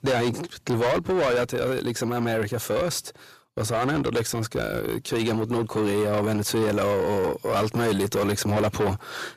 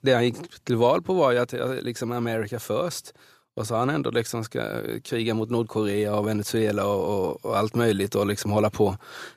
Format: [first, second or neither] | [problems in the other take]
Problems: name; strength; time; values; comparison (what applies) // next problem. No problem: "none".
second | distortion; heavy; 7 dB below the speech